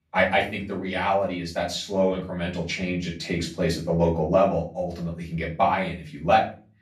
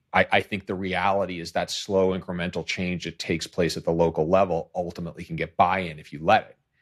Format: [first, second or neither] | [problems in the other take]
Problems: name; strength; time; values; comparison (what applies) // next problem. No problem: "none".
second | off-mic speech; far // room echo; slight; dies away in 0.3 s